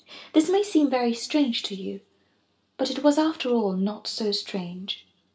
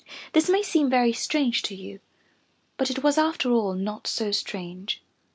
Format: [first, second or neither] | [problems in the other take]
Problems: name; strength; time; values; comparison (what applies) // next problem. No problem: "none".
second | room echo; dies away in 0.4 s